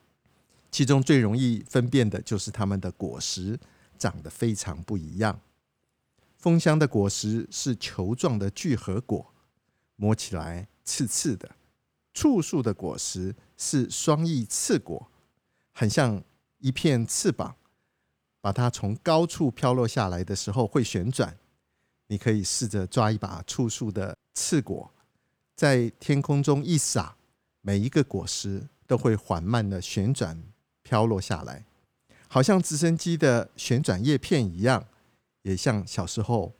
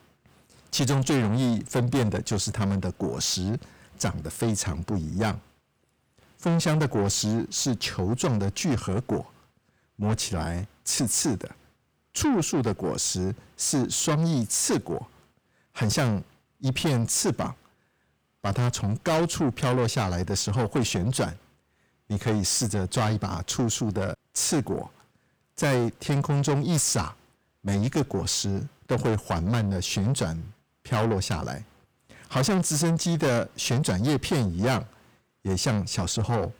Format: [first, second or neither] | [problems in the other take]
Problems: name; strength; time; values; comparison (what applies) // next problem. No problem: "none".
first | distortion; heavy; 6 dB below the speech